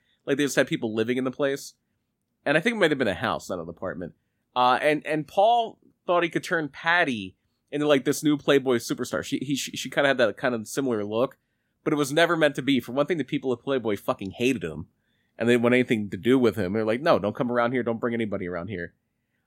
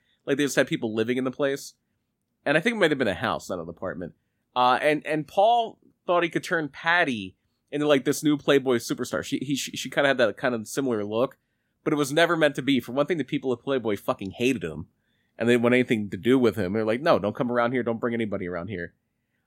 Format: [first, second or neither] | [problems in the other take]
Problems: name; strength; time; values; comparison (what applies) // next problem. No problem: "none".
neither | none